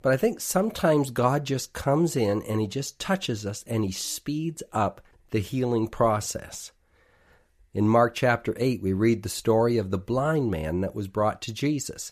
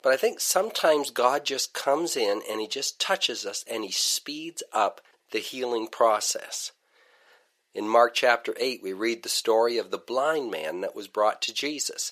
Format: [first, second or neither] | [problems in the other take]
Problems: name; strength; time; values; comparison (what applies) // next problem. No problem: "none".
first | thin; very; fading below 450 Hz